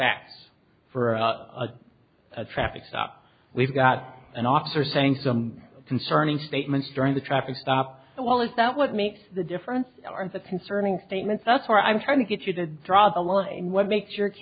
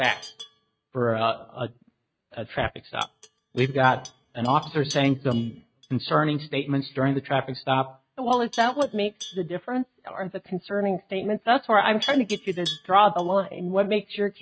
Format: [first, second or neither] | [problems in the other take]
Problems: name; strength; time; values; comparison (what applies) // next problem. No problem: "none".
first | noise reduction (neural mask model RNNoise)